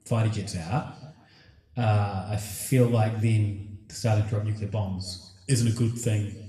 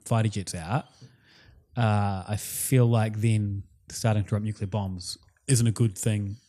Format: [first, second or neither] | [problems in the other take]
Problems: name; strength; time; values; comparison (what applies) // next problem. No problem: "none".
second | room echo; slight; dies away in 0.9 s // off-mic speech; somewhat distant